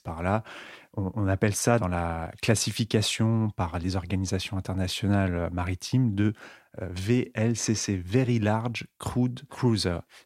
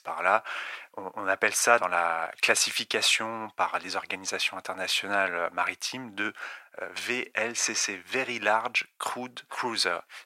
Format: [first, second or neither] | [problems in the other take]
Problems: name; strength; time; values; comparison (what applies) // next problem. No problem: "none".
first | thin; very; fading below 700 Hz